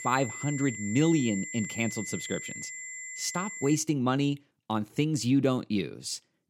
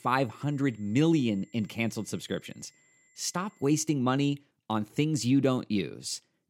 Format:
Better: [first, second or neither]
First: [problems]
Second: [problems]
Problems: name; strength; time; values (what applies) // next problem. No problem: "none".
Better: second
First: high-pitched whine; loud; until 4 s; 2 kHz, 8 dB below the speech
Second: high-pitched whine; faint; until 4 s; 2 kHz, 35 dB below the speech